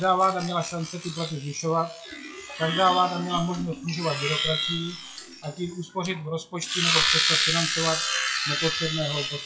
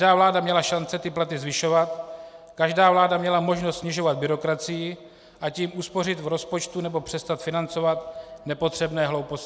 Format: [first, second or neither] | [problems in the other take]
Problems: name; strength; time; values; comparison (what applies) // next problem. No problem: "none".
second | noise reduction (classical method WPE with log-MMSE)